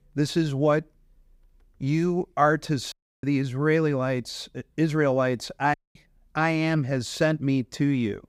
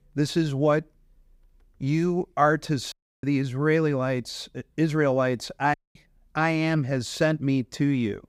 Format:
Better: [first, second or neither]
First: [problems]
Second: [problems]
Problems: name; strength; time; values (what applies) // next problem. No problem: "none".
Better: neither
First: audio cutting out; at 3 s and at 5.5 s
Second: audio cutting out; at 3 s and at 5.5 s